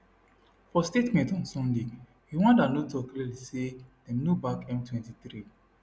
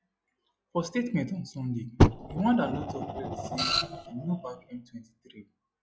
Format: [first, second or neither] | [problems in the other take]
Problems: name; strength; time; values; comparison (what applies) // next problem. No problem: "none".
first | noise reduction (classical method log-MMSE)